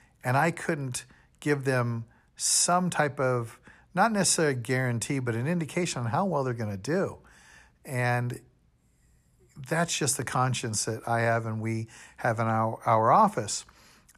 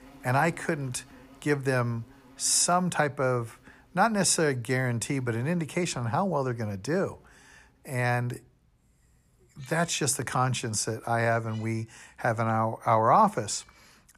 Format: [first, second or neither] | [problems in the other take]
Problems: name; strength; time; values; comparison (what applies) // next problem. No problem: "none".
first | animal sounds; faint; throughout; 30 dB below the speech